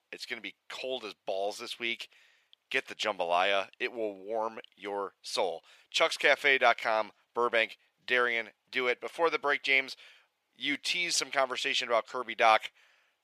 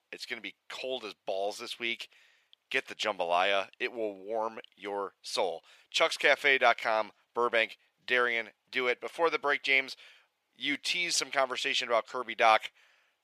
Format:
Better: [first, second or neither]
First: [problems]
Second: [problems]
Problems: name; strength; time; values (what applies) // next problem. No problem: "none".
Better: neither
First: thin; very; fading below 700 Hz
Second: thin; very; fading below 700 Hz